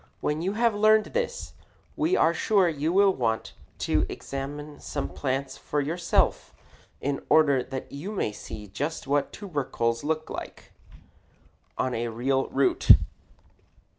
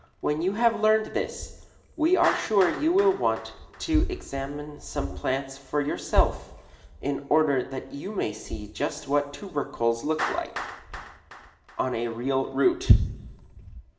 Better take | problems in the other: first | background sound (Clapping); 15 dB below the speech // room echo; dies away in 1.1 s

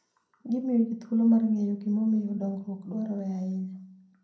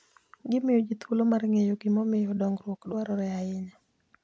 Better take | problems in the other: second | room echo; dies away in 0.6 s

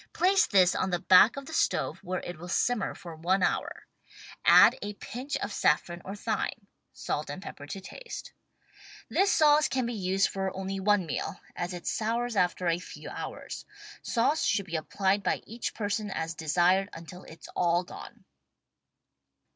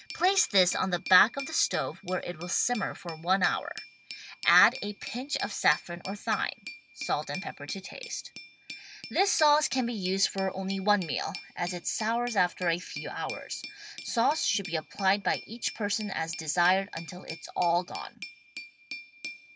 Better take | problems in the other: first | background sound (Glass); 15 dB below the speech

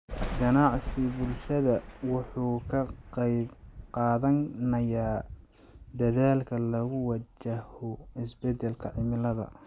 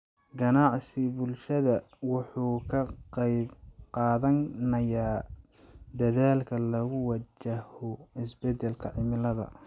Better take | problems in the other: second | background sound (Thunder); 13 dB below the speech

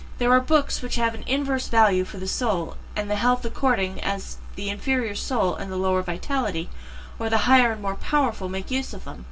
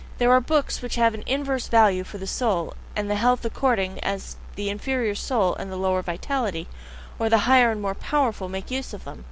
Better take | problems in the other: second | room echo; dies away in 0.2 s

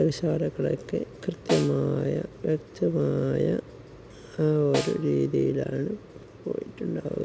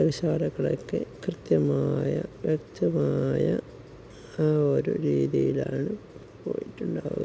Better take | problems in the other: second | background sound (Snare drum); 12 dB below the speech

